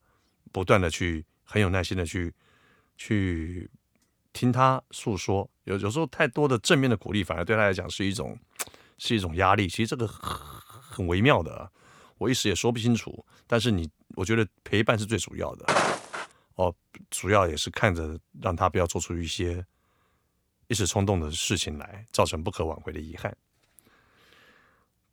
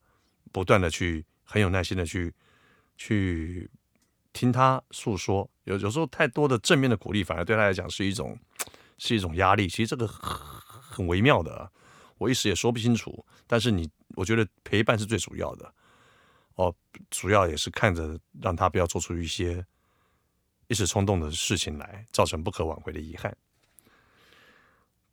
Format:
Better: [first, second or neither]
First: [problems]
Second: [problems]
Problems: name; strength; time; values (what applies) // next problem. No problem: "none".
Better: second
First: footsteps; loud; at 16 s; peak 3 dB above the speech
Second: none